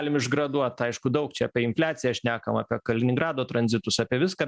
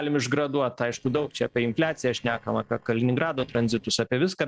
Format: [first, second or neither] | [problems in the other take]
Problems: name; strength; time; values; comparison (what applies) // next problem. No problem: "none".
first | noise reduction (neural separator model SepFormer DNS4)